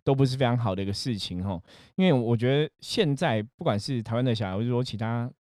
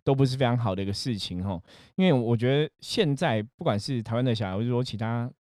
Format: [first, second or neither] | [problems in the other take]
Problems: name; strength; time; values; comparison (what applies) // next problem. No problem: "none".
neither | none